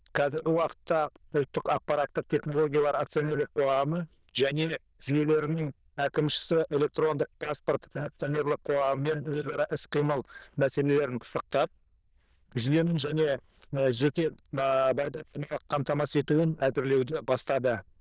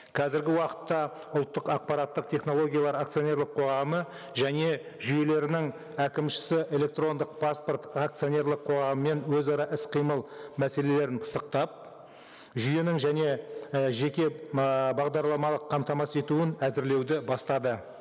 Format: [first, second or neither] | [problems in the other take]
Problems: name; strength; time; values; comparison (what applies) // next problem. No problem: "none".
second | noise reduction (neural diffusion model UNIVERSE++)